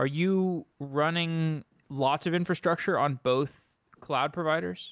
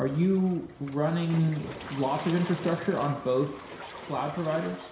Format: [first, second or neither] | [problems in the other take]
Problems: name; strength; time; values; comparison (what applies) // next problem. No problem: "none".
first | background sound (Waves, surf); 14 dB below the speech // room echo; dies away in 0.7 s